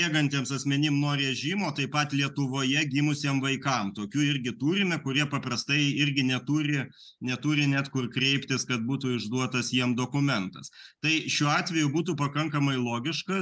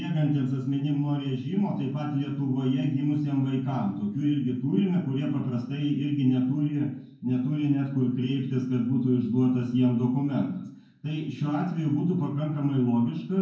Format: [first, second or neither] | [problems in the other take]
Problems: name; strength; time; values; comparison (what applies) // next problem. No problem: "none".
first | room echo; dies away in 0.9 s